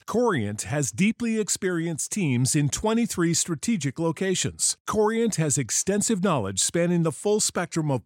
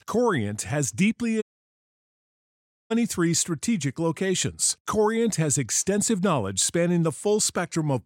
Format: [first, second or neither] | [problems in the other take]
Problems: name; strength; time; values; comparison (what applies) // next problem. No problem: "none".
first | audio cutting out; at 1.5 s for 1.5 s